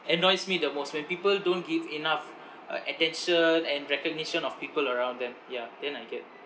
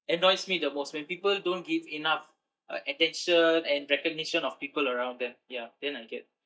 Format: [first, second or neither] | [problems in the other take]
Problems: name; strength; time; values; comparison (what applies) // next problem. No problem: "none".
first | noise reduction (neural mask model DeepFilterNet 3)